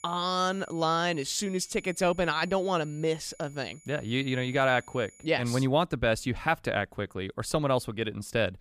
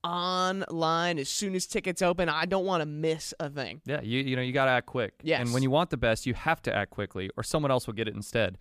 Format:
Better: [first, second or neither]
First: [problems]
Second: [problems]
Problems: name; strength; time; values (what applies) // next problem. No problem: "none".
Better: second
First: high-pitched whine; faint; until 5.5 s; 7 kHz, 25 dB below the speech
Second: none